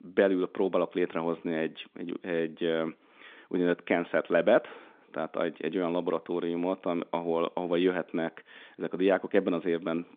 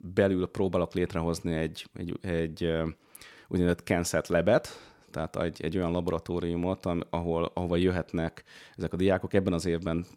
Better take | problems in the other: second | phone-call audio; nothing above 3.5 kHz

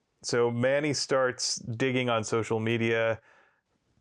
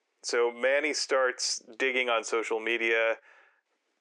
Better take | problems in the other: first | thin; somewhat; fading below 350 Hz

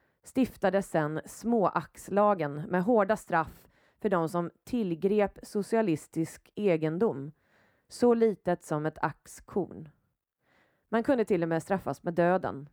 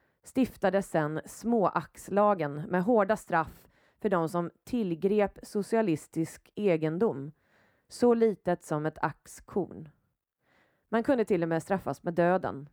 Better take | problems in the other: neither | muffled; very; fading above 2.5 kHz; the same in both

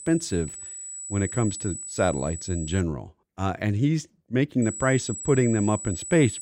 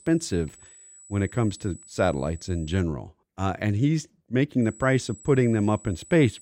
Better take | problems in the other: second | high-pitched whine; loud; until 3 s and from 4.5 s on; 8 kHz, 8 dB below the speech; faint in the second

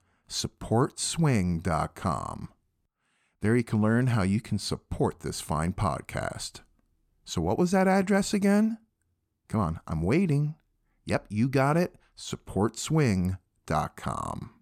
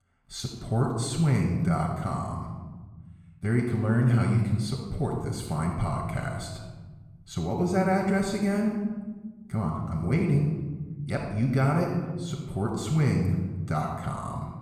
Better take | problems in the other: first | off-mic speech; somewhat distant // room echo; noticeable; dies away in 1.5 s

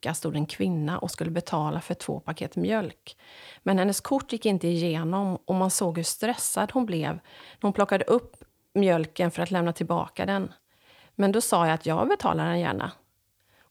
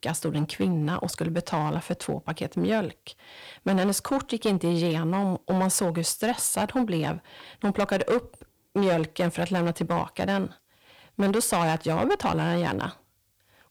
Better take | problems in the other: first | distortion; slight; 6% of the sound clipped

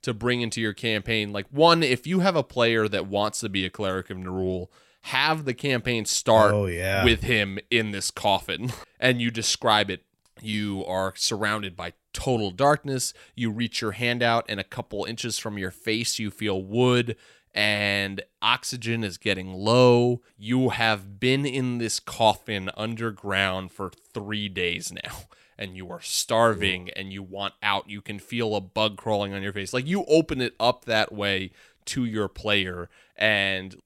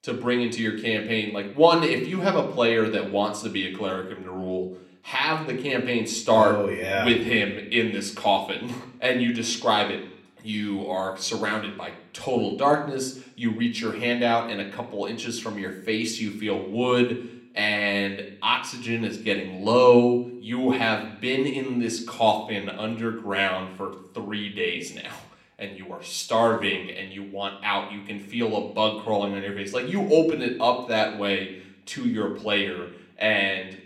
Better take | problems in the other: first | room echo; slight; dies away in 0.7 s // off-mic speech; somewhat distant

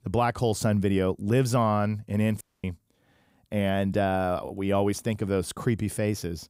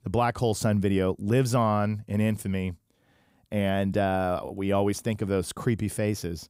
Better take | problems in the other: second | audio cutting out; at 2.5 s

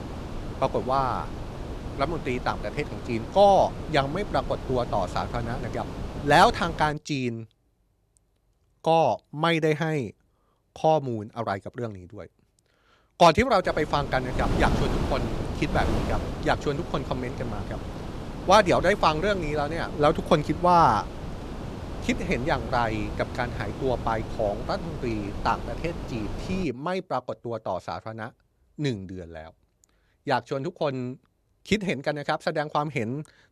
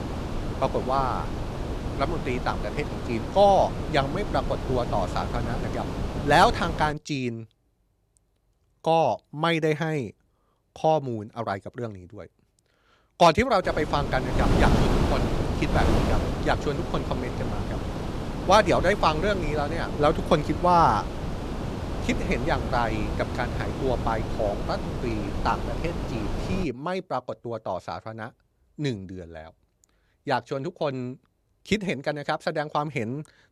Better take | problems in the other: first | wind noise on the microphone; heavy; until 7 s and from 14 to 27 s; 9 dB below the speech; occasional gusts in the first

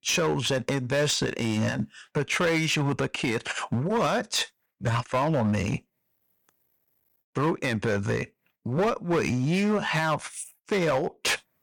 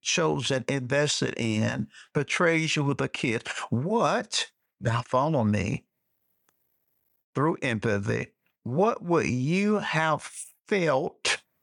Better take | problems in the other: second | distortion; slight; 8% of the sound clipped

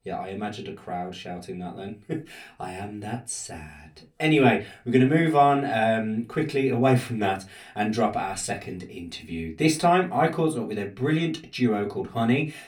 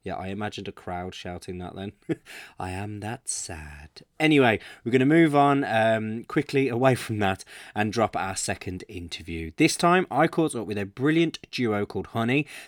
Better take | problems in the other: second | off-mic speech; somewhat distant // room echo; very slight; dies away in 0.2 s

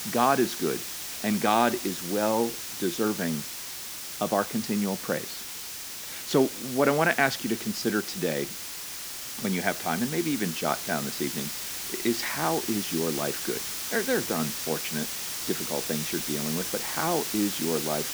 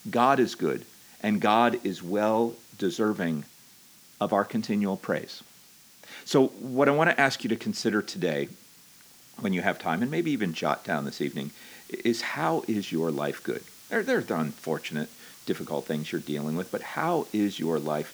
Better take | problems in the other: second | hiss; loud; throughout; 4 dB below the speech; faint in the second

